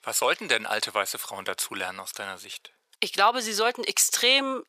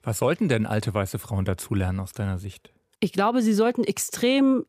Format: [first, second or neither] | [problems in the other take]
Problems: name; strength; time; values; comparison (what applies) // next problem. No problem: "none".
second | thin; very; fading below 850 Hz